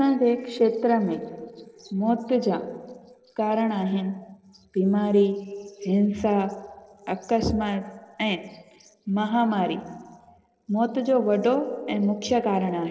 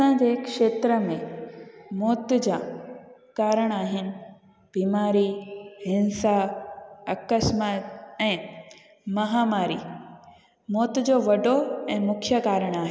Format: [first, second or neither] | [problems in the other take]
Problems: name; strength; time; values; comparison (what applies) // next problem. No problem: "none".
second | noise reduction (neural separator model SepFormer DNS4)